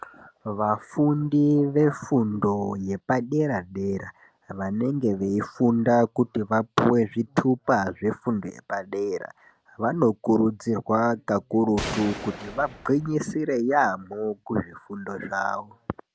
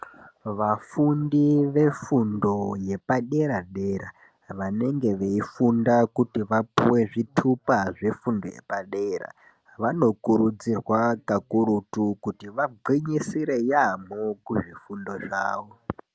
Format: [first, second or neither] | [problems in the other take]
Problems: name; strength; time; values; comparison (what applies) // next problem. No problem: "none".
second | background sound (Gunshot, gunfire); 11 dB below the speech